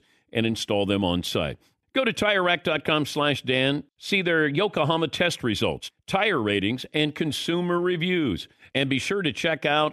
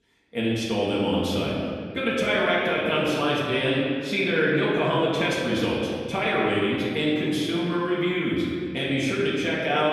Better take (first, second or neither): first